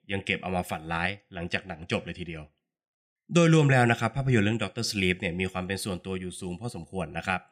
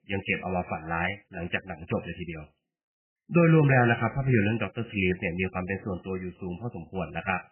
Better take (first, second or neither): first